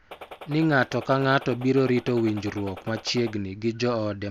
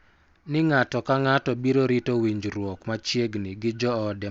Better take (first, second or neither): second